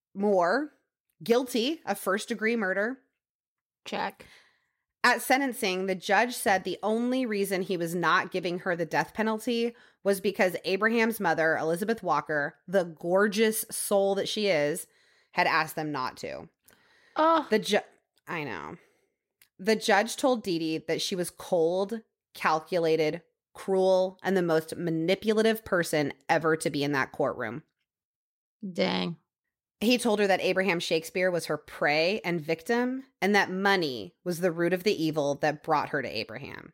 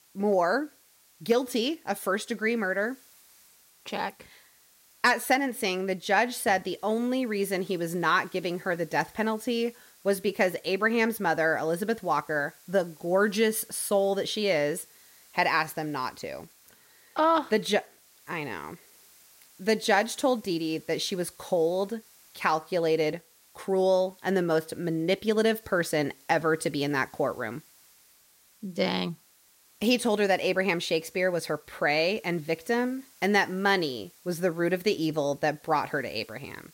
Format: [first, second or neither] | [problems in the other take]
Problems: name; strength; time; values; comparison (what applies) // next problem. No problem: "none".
first | hiss; faint; throughout; 25 dB below the speech